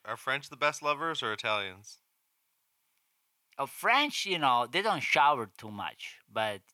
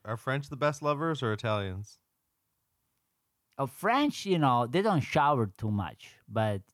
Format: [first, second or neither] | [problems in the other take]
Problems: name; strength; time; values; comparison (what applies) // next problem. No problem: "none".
second | thin; somewhat; fading below 1 kHz